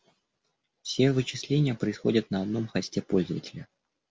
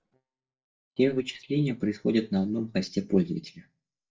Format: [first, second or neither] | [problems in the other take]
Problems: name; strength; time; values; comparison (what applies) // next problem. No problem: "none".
first | noise reduction (neural mask model DeepFilterNet 3)